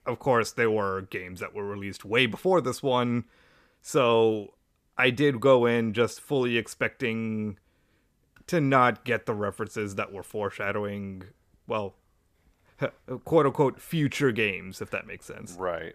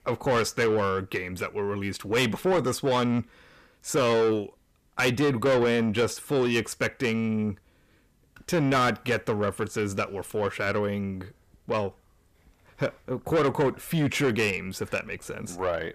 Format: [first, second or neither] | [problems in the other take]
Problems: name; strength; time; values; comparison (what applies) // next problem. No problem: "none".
first | distortion; heavy; 8 dB below the speech